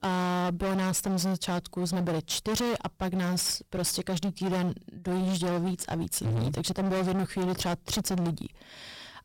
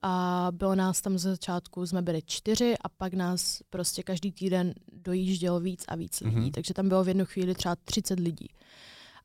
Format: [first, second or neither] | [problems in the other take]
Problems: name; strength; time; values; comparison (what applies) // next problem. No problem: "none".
second | distortion; heavy; 32% of the sound clipped